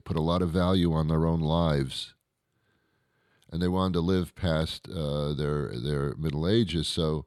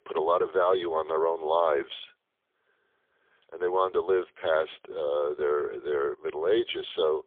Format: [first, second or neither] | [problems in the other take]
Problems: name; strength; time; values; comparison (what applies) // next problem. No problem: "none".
first | phone-call audio; poor line; nothing above 3.5 kHz